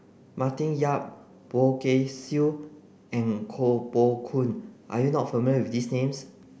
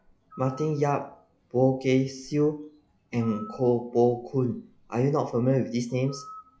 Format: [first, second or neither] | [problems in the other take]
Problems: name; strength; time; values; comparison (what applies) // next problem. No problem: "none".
first | noise reduction (classical method log-MMSE)